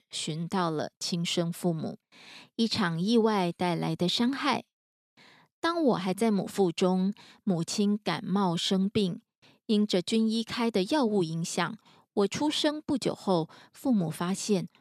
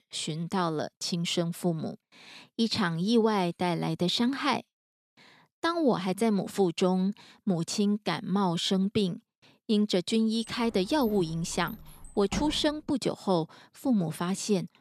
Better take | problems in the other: first | door banging; noticeable; from 10 to 13 s; peak 9 dB below the speech

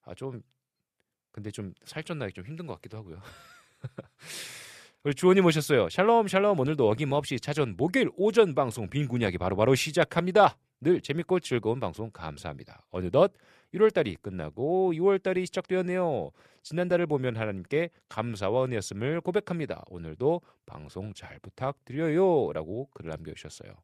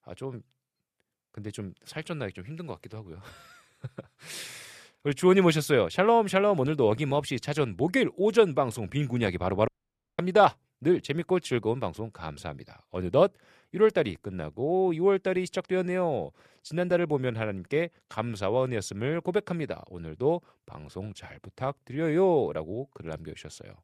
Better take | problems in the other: first | audio cutting out; at 9.5 s for 0.5 s

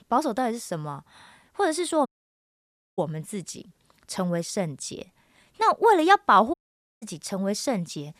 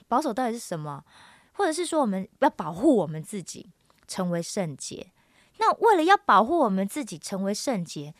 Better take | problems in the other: second | audio cutting out; at 2 s for 1 s and at 6.5 s

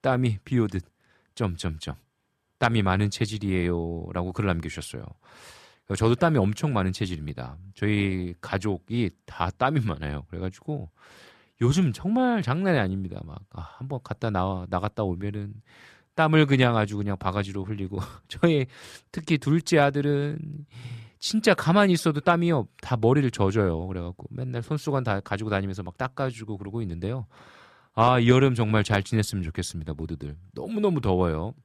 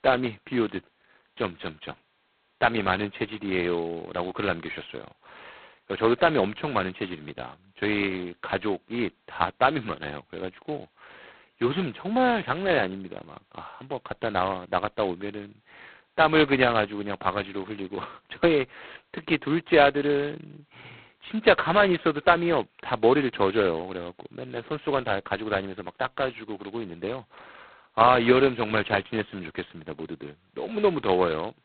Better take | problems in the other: first | phone-call audio; poor line; nothing above 4 kHz

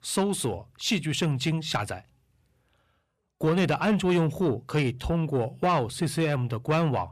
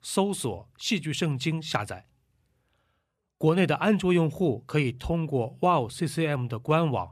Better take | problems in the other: second | distortion; slight; 10 dB below the speech

